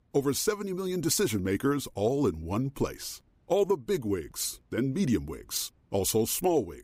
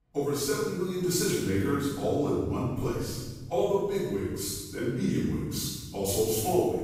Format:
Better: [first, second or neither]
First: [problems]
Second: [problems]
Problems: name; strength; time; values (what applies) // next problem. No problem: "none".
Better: first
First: none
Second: room echo; strong; dies away in 1.4 s // off-mic speech; far